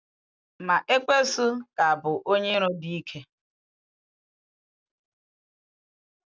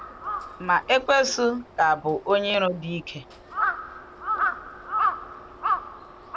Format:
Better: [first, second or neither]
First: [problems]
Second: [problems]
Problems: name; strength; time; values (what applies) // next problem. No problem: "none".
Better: first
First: none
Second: background sound (Crow); 4 dB below the speech